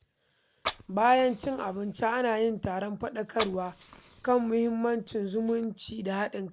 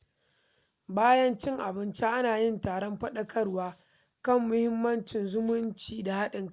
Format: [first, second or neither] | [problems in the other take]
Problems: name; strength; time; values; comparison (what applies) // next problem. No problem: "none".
second | background sound (Fire); 13 dB below the speech